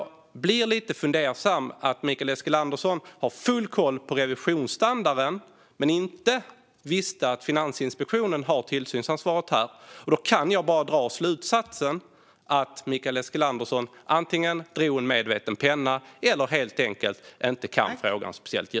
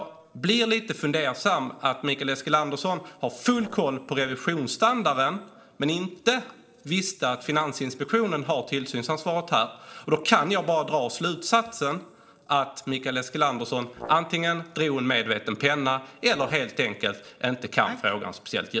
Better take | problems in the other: first | noise reduction (neural separator model SepFormer DNS4)

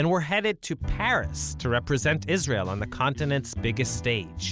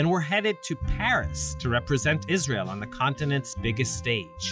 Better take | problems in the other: first | noise reduction (classical method log-MMSE)

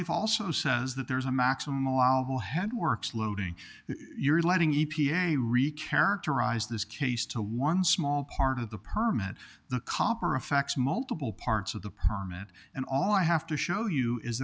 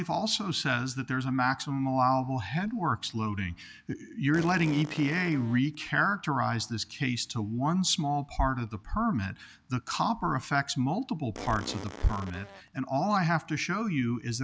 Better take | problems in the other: first | background sound (Fart); 13 dB below the speech

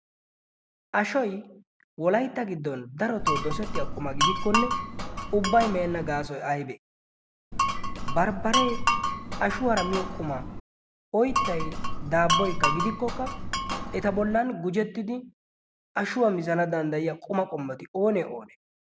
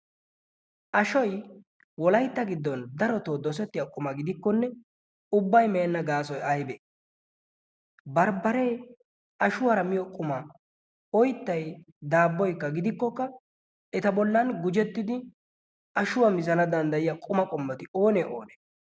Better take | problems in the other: second | background sound (Glass); 1 dB above the speech

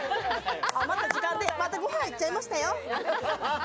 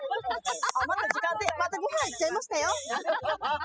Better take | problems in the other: first | noise reduction (classical method spectral subtraction)

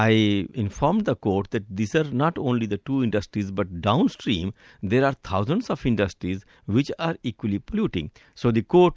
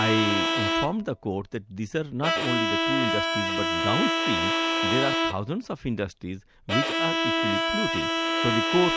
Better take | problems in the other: first | background sound (Bowed string instrument); 3 dB above the speech

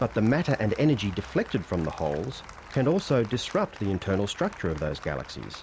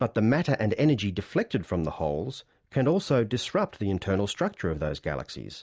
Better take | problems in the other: second | background sound (Traffic noise, roadway noise + Applause); 17 dB below the speech

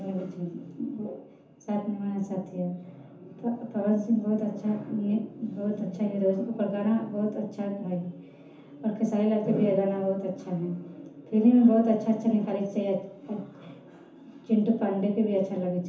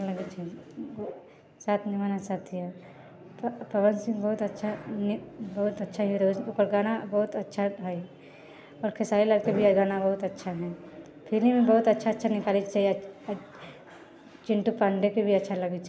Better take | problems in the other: second | room echo; dies away in 0.9 s

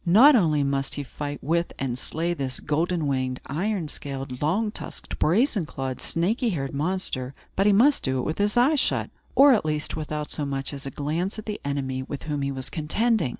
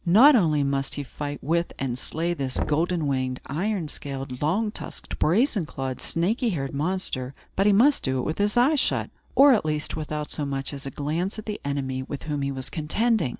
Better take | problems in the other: first | background sound (Knock); 12 dB below the speech

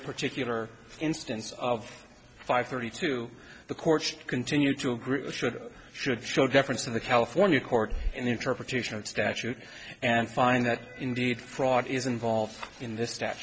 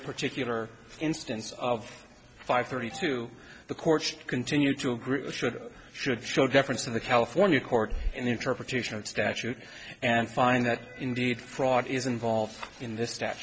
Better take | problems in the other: first | background sound (Alarm); 18 dB below the speech

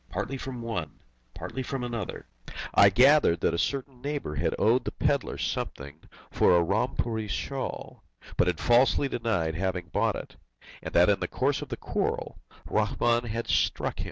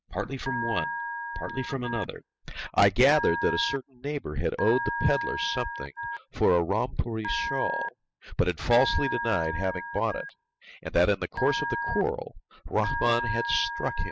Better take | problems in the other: first | noise reduction (classical method spectral subtraction)

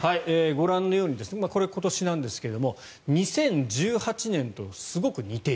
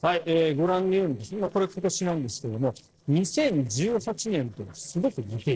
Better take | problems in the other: first | noise reduction (neural separator model SepFormer DNS4)

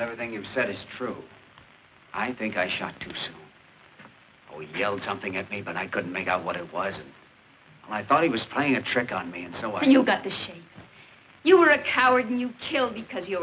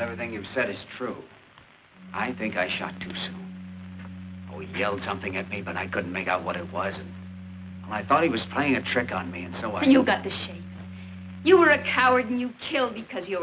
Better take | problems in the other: first | background sound (Organ); 14 dB below the speech

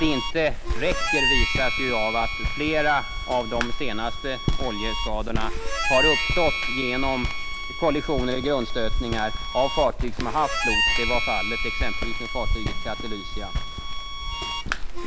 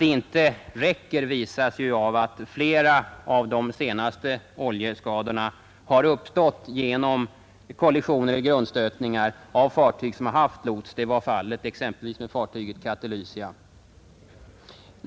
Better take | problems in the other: second | background sound (Walk, footsteps + Harmonica); 3 dB above the speech

